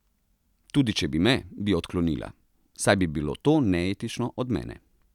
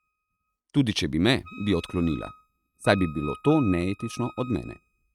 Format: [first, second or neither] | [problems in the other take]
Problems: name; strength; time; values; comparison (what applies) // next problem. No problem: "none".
first | noise reduction (neural mask model RNNoise)